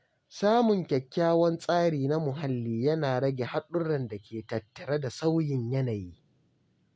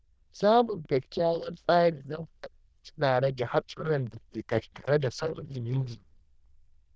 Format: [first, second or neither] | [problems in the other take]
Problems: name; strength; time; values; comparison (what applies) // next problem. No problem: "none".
first | noise reduction (neural diffusion model UNIVERSE++)